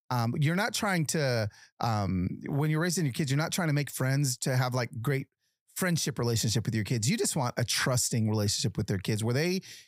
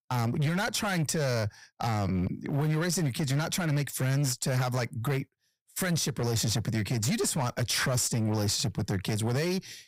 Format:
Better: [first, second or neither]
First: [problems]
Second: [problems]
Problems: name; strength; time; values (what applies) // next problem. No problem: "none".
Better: first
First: none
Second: distortion; slight; 18% of the sound clipped